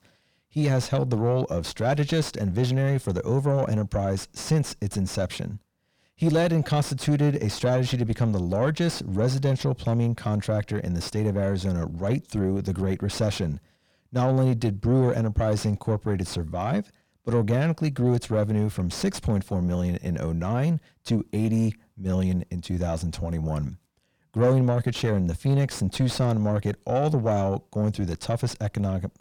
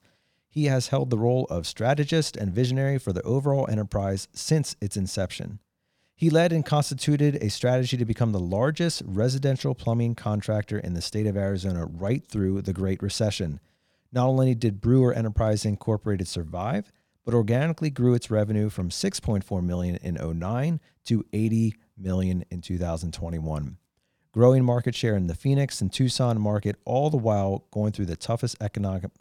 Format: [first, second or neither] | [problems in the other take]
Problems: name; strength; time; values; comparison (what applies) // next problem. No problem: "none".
second | distortion; slight; 10 dB below the speech